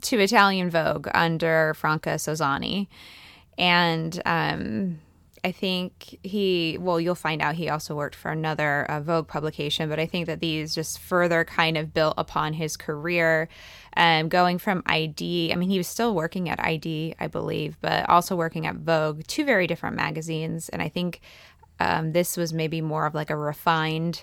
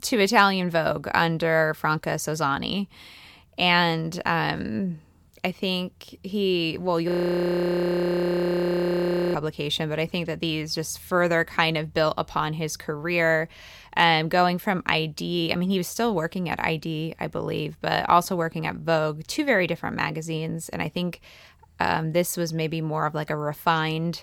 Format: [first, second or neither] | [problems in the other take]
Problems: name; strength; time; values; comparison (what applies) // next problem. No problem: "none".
first | audio freezing; at 7 s for 2.5 s